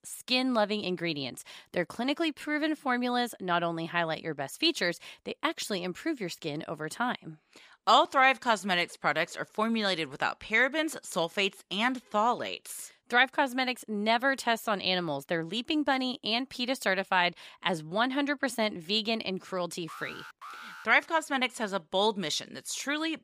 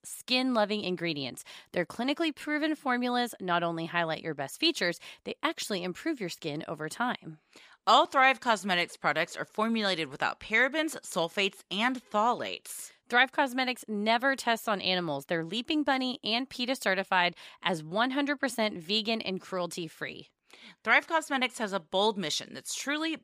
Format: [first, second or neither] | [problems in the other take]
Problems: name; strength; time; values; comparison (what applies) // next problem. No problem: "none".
second | alarm; faint; at 20 s; peak 15 dB below the speech